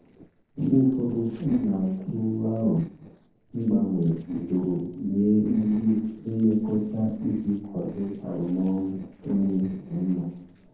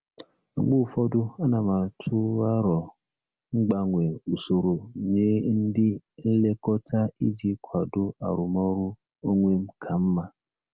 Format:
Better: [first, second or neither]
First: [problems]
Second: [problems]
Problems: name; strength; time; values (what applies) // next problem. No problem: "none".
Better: second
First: noise reduction (neural separator model SepFormer DNS4)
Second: none